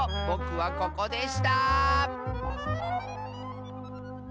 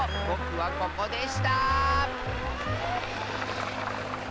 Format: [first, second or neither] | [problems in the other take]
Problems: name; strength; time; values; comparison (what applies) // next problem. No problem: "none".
first | background sound (Traffic noise, roadway noise); 5 dB below the speech